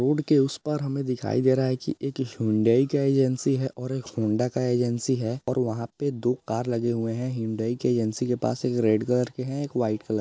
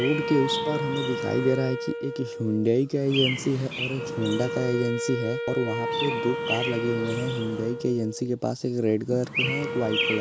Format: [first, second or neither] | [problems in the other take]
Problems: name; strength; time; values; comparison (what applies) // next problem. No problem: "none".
first | background sound (Wind instrument, woodwind instrument + Chirp, tweet); 4 dB below the speech